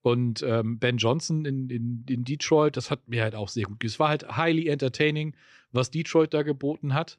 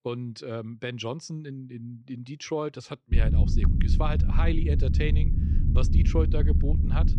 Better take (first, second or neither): first